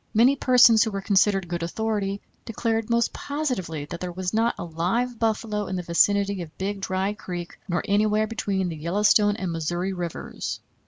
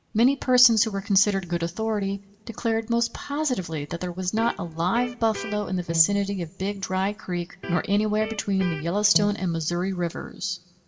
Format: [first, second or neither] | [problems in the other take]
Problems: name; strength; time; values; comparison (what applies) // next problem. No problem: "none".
first | background sound (Electric guitar); 11 dB below the speech // room echo; dies away in 0.3 s